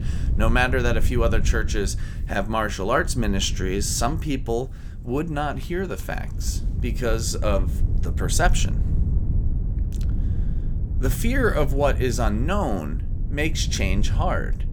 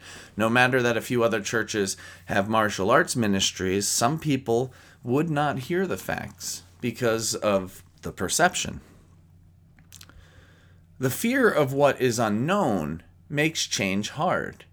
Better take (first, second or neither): second